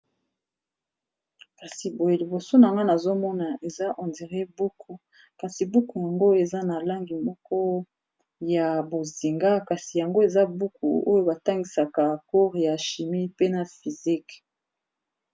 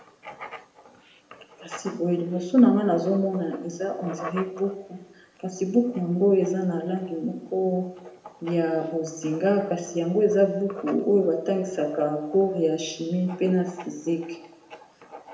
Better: first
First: none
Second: background sound (Writing); 19 dB below the speech // room echo; dies away in 0.8 s

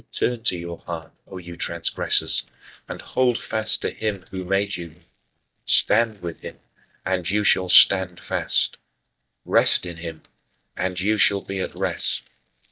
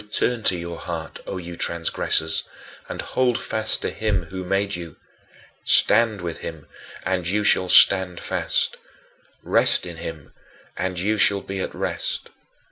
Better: second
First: noise reduction (neural mask model DeepFilterNet 3)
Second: none

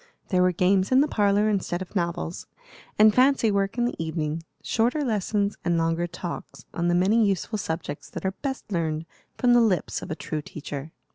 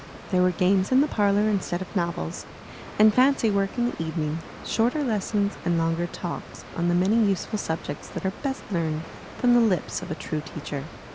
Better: first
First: none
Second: background sound (Water); 15 dB below the speech

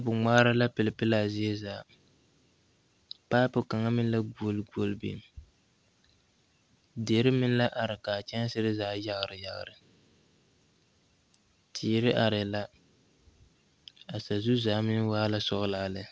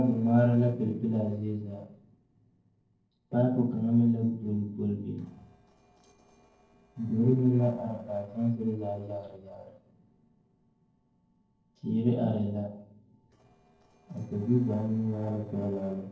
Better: first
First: none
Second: noise reduction (neural separator model SepFormer DNS4)

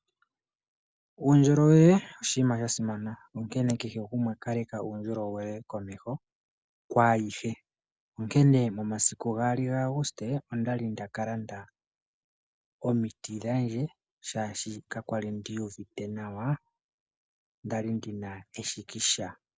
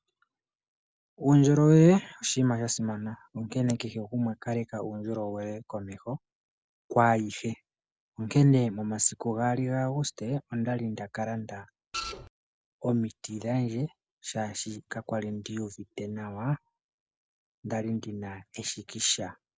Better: first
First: none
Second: background sound (Printer); 8 dB below the speech

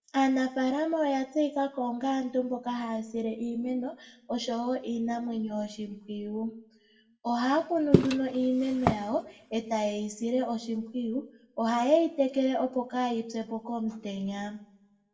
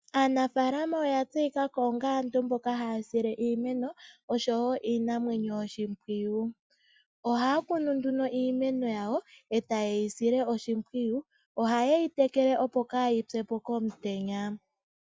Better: second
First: background sound (Walk, footsteps); as loud as the speech // room echo; dies away in 0.5 s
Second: none

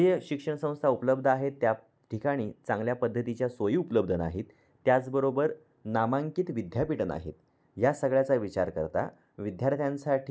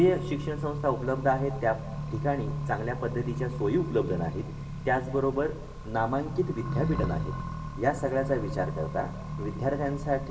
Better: first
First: none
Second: background sound (Accelerating, revving, vroom); 5 dB below the speech // room echo; dies away in 2.3 s

